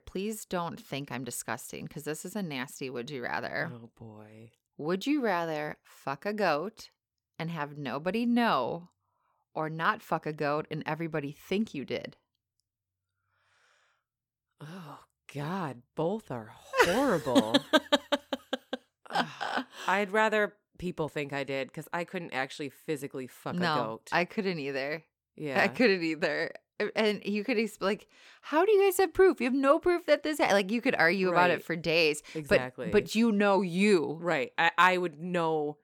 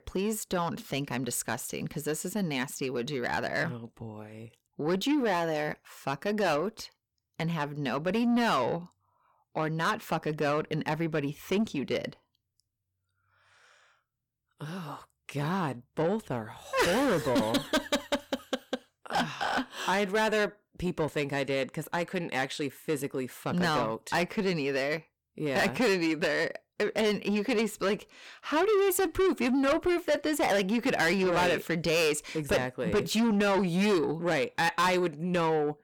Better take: first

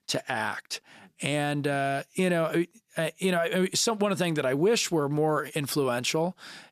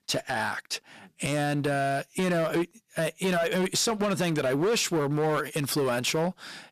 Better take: first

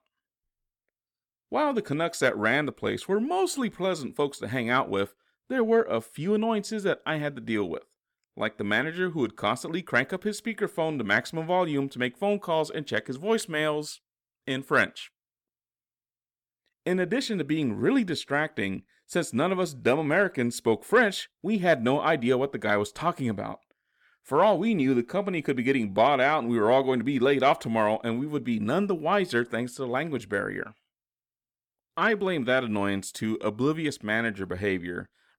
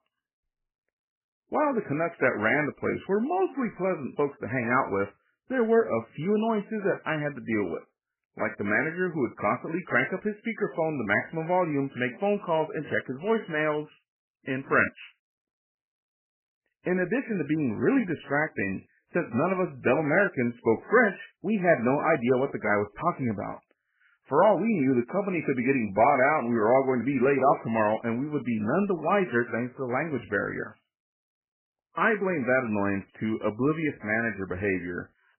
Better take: first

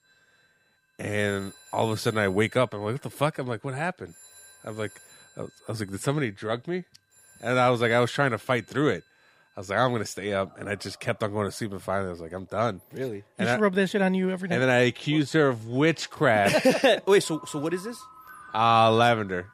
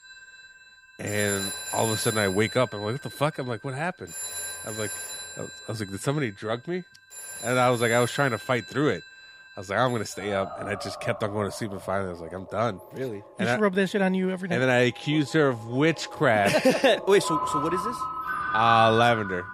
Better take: first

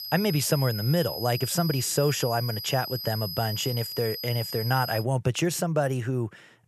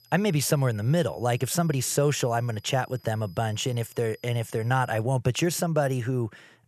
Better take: second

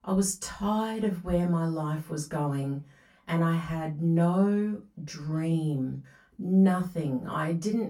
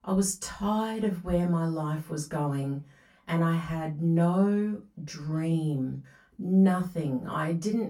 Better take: neither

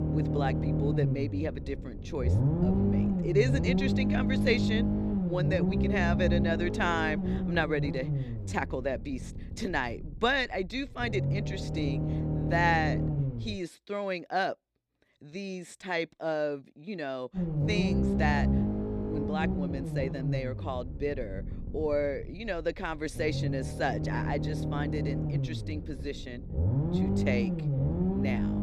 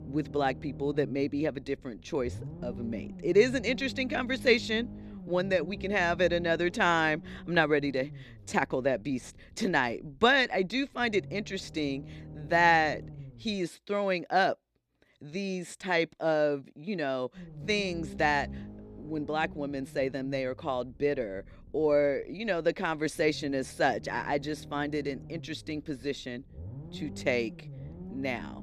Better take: second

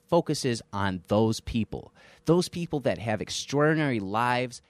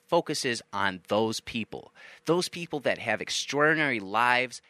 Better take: first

